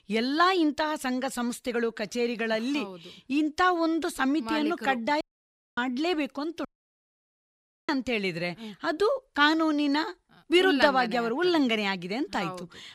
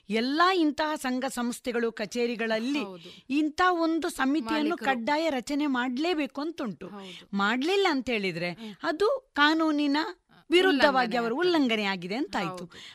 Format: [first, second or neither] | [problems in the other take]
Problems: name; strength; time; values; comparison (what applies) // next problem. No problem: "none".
second | audio cutting out; at 5 s for 0.5 s and at 6.5 s for 1 s